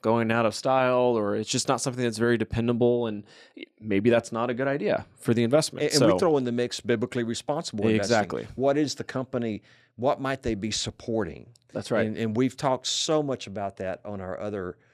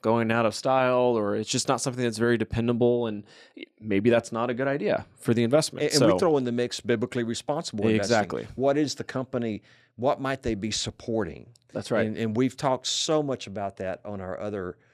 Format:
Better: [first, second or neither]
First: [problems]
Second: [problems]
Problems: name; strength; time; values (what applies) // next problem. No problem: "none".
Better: neither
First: none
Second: none